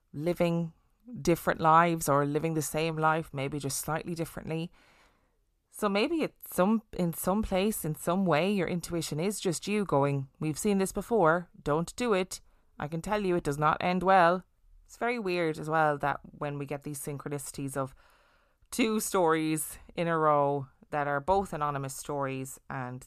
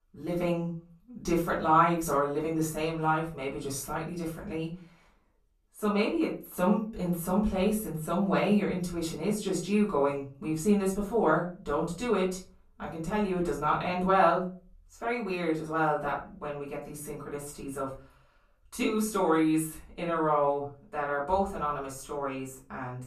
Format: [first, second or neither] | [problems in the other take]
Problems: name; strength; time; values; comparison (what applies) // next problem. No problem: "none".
first | off-mic speech; far // room echo; slight; dies away in 0.3 s